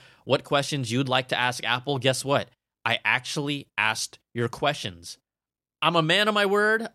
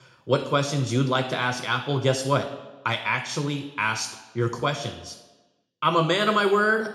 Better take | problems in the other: first | room echo; slight; dies away in 0.7 s // off-mic speech; somewhat distant

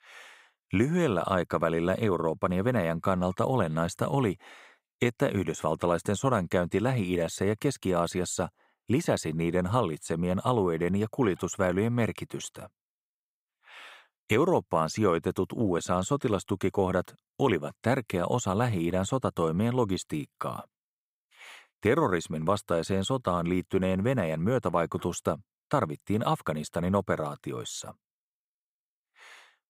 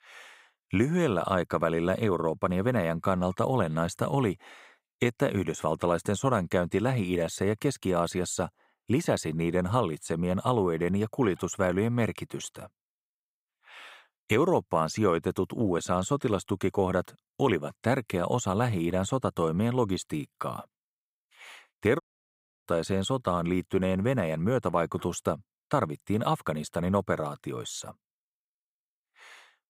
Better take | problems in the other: first | audio cutting out; at 22 s for 0.5 s

